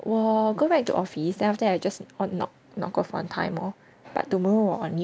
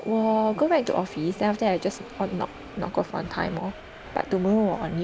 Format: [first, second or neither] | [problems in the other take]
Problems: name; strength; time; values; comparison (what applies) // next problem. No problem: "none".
first | background sound (Subway, metro, underground); 17 dB below the speech